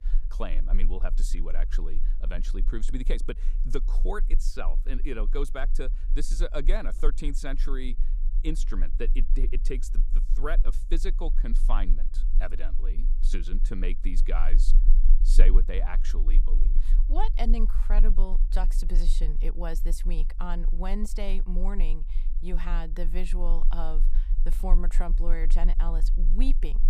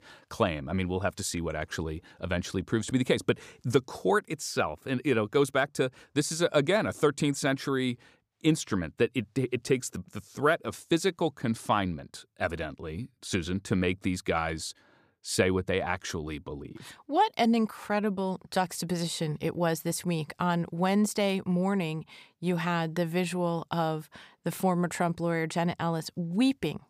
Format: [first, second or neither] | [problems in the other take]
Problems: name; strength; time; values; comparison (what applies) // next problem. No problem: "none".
second | low rumble; noticeable; throughout; 20 dB below the speech